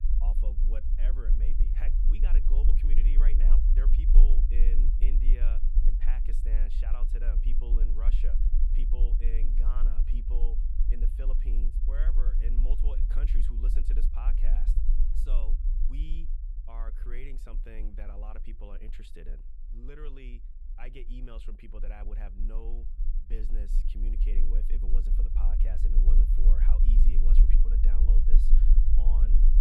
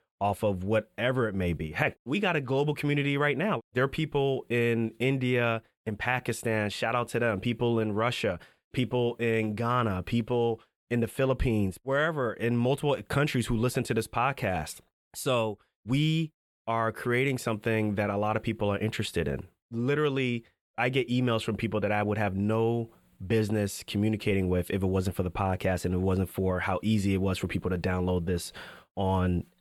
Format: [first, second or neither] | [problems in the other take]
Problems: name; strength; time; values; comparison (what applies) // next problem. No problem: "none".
second | low rumble; loud; throughout; 3 dB below the speech